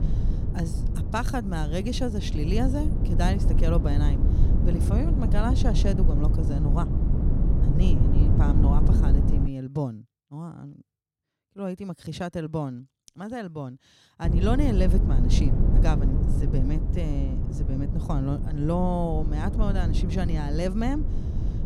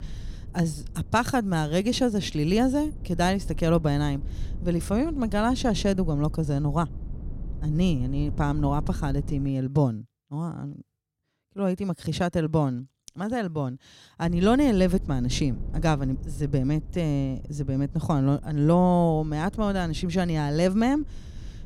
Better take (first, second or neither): second